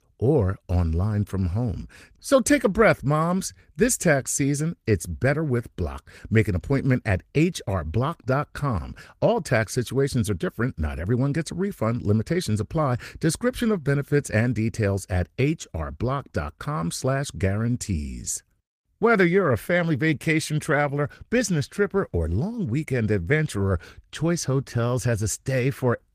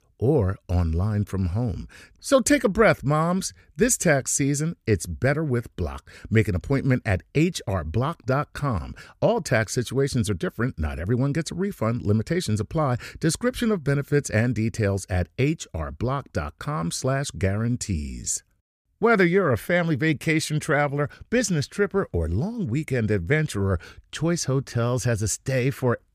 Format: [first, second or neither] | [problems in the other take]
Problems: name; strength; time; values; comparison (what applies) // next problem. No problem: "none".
second | garbled, watery; slightly; nothing above 15 kHz